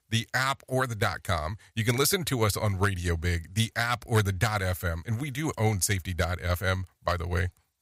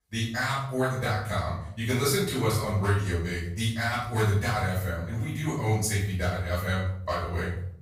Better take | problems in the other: first | off-mic speech; far // room echo; noticeable; dies away in 0.6 s

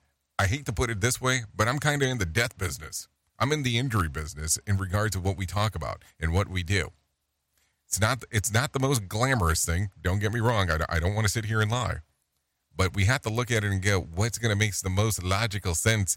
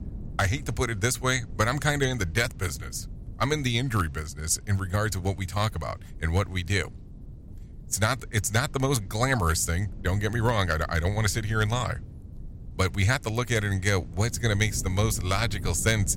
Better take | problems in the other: first | wind noise on the microphone; occasional gusts; 25 dB below the speech

